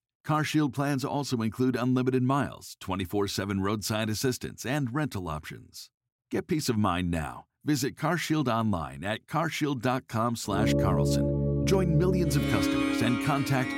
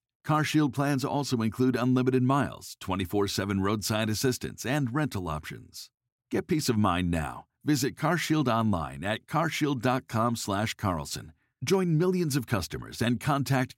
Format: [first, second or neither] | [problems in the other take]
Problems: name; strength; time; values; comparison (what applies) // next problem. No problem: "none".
second | background music; very loud; from 11 s on; 1 dB above the speech